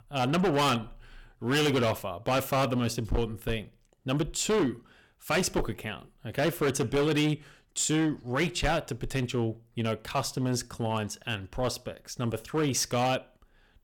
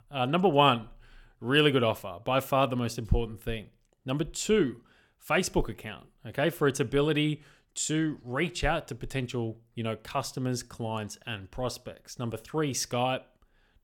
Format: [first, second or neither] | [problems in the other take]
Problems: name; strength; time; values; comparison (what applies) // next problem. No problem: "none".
second | distortion; heavy; 10% of the sound clipped